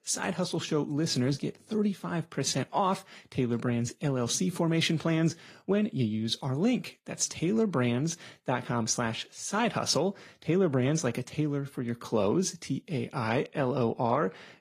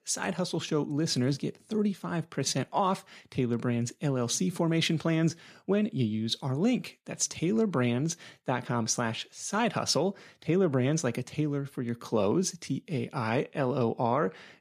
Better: second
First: garbled, watery; slightly; nothing above 14.5 kHz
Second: none

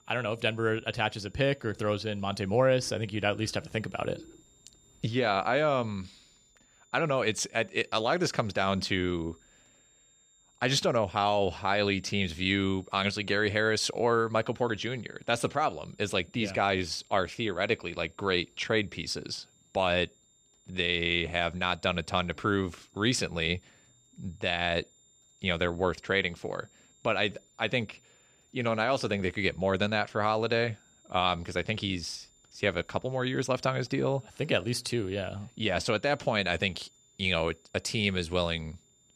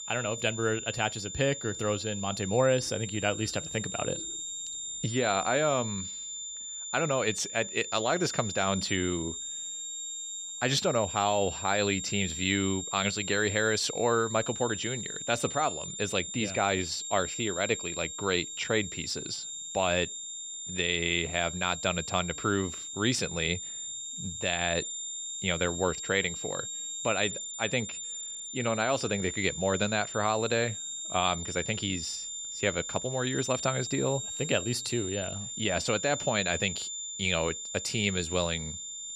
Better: first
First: high-pitched whine; faint; throughout; 7.5 kHz, 30 dB below the speech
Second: high-pitched whine; loud; throughout; 7.5 kHz, 6 dB below the speech

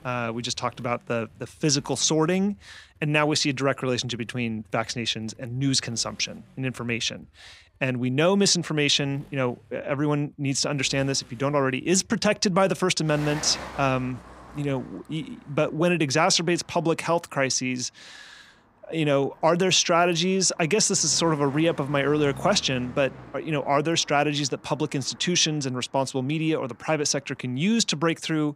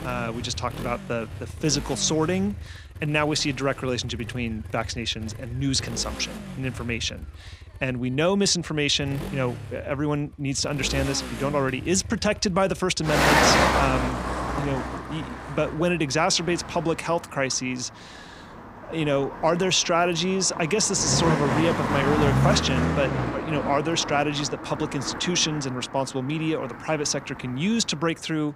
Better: first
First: traffic noise; faint; throughout; 20 dB below the speech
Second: traffic noise; loud; throughout; 3 dB below the speech

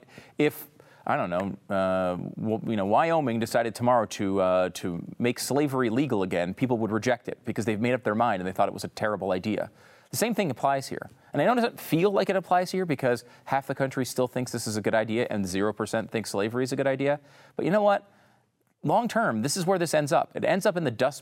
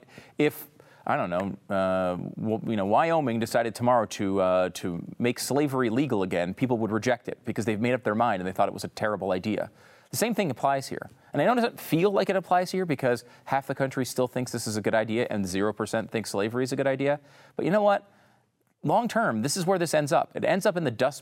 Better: neither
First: none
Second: none

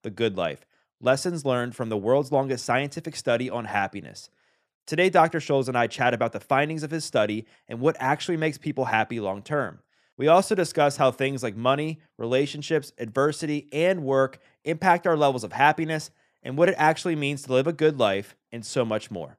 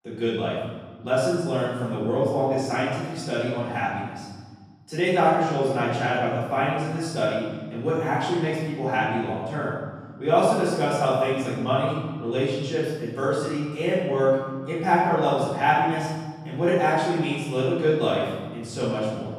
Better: first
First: none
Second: off-mic speech; far // room echo; strong; dies away in 1.8 s

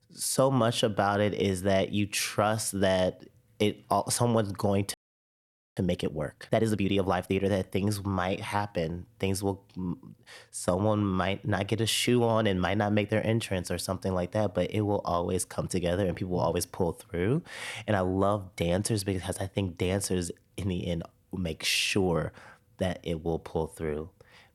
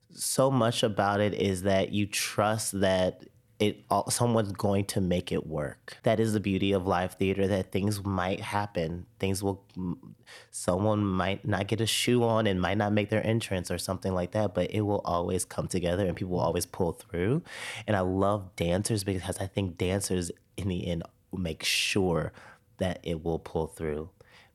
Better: second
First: audio freezing; at 5 s for 1 s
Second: none

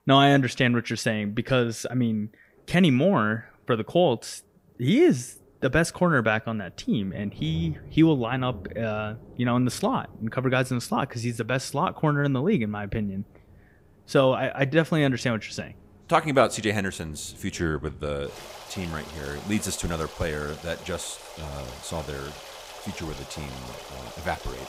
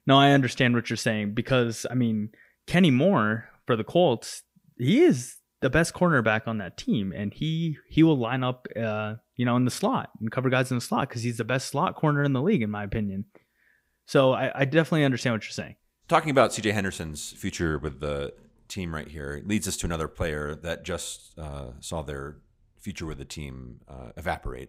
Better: second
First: rain or running water; noticeable; throughout; 20 dB below the speech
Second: none

